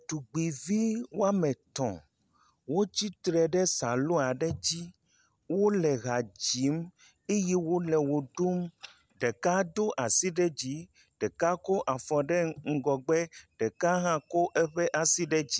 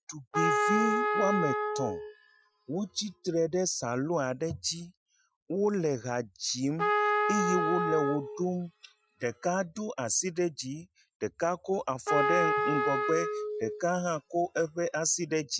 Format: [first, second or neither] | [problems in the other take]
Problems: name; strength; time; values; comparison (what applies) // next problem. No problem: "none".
first | noise reduction (classical method Wiener filter)